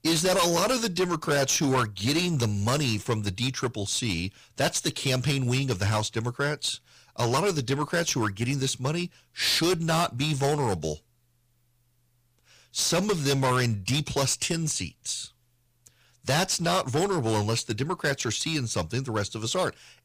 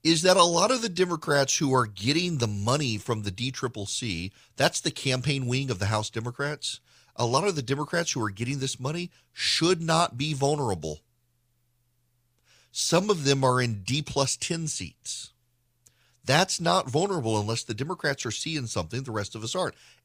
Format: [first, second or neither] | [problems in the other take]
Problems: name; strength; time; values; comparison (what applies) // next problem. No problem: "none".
second | distortion; heavy; 11% of the sound clipped